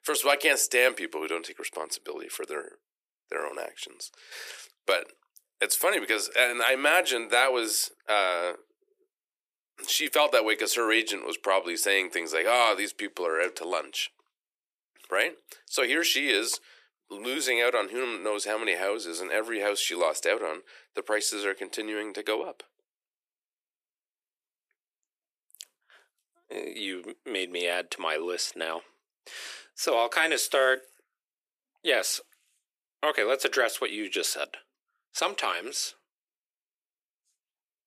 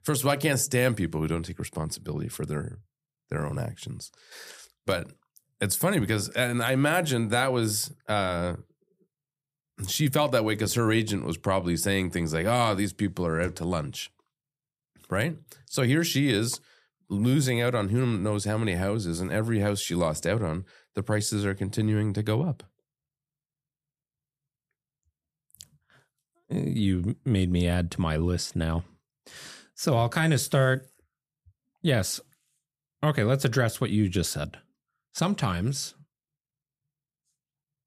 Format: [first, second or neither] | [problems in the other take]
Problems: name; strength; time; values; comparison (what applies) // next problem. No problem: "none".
second | thin; very; fading below 350 Hz